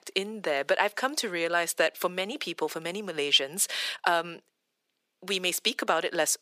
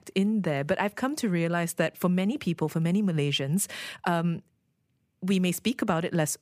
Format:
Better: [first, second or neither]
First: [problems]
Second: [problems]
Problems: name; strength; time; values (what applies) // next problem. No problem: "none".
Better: second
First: thin; very; fading below 400 Hz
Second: none